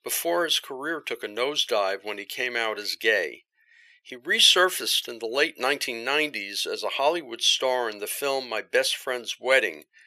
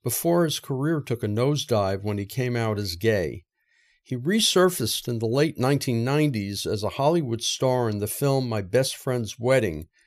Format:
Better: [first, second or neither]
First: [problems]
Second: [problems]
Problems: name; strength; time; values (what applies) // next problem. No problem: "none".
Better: second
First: thin; very; fading below 450 Hz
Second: none